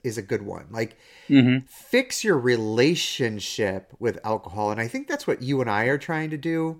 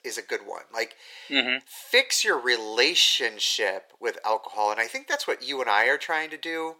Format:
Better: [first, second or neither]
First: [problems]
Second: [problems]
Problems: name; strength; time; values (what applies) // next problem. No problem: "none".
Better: first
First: none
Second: thin; very; fading below 550 Hz